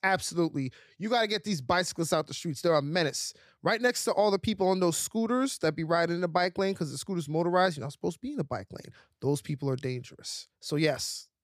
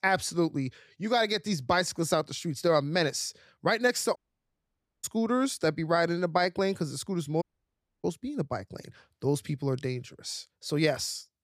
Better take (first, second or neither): first